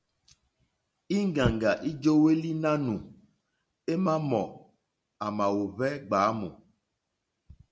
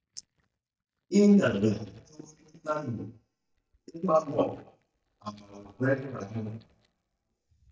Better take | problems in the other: first | noise reduction (neural mask model DeepFilterNet 3)

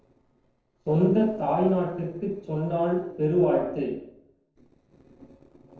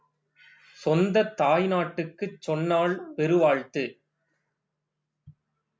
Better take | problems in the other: second | noise reduction (neural separator model SepFormer DNS4)

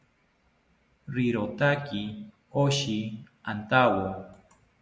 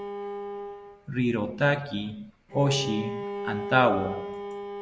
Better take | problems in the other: first | background sound (Bowed string instrument); 8 dB below the speech

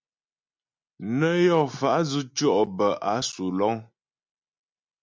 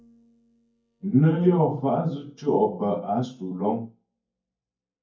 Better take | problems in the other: first | noise reduction (neural mask model DeepFilterNet 3)

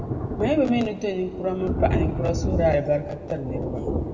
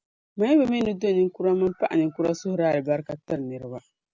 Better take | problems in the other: second | background sound (Thunder); 2 dB below the speech // room echo; dies away in 1.4 s

